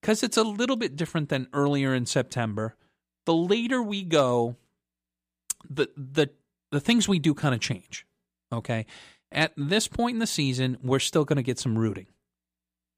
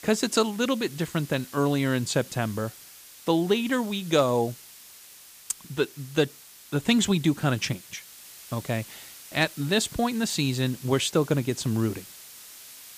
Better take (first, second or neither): first